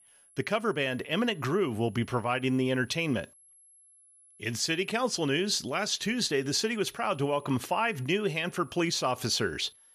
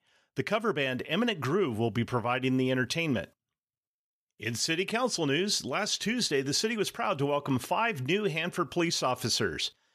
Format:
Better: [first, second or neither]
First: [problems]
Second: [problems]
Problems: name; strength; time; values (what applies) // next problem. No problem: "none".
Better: second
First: high-pitched whine; faint; throughout; 11 kHz, 25 dB below the speech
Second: none